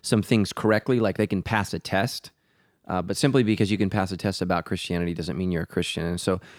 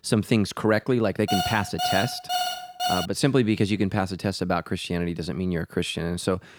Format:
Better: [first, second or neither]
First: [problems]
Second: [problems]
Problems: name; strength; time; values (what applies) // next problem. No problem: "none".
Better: first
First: none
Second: alarm; noticeable; from 1.5 to 3 s; peak 1 dB below the speech